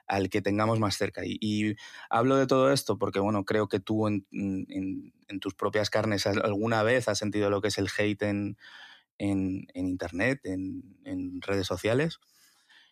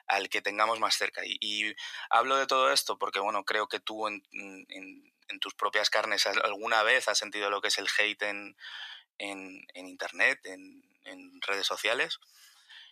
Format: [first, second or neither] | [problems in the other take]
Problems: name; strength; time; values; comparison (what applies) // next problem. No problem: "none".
first | thin; very; fading below 900 Hz